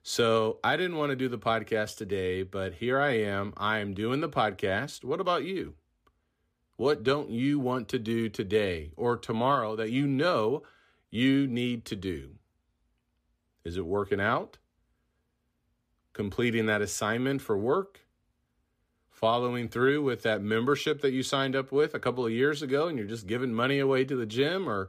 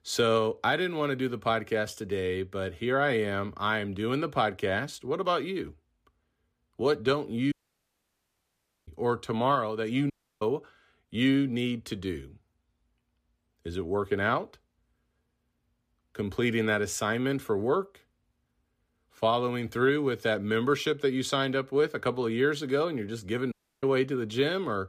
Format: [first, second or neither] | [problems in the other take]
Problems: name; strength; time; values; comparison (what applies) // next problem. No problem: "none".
first | audio cutting out; at 7.5 s for 1.5 s, at 10 s and at 24 s